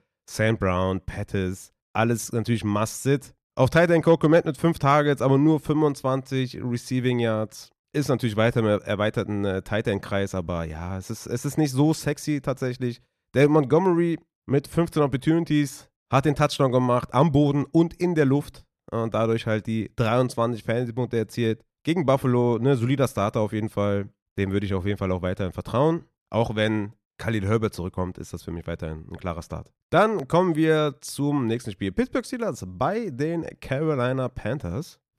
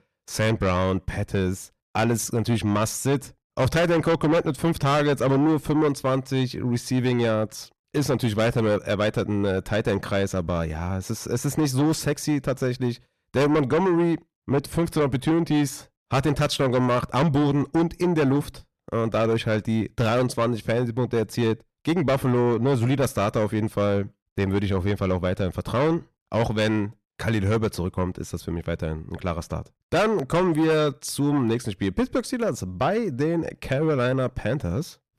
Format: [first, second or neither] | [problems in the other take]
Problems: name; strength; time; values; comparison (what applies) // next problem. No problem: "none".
first | distortion; heavy; 8 dB below the speech